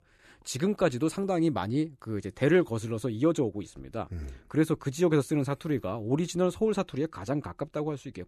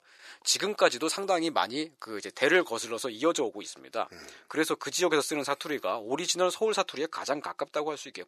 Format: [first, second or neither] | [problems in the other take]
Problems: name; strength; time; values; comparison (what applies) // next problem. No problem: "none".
first | thin; very; fading below 650 Hz